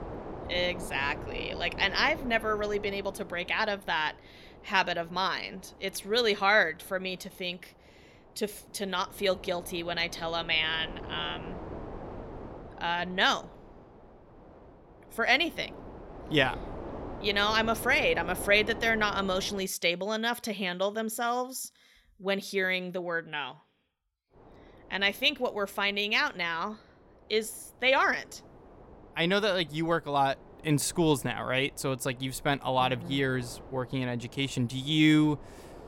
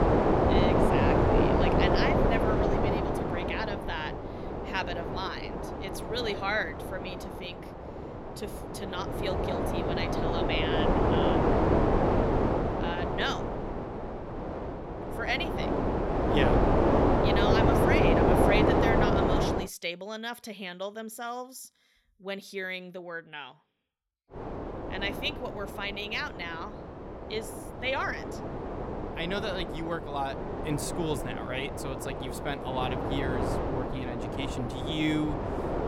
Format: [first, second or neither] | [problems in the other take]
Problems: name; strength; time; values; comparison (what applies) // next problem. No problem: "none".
first | wind noise on the microphone; heavy; until 20 s and from 24 s on; 4 dB above the speech; occasional gusts in the first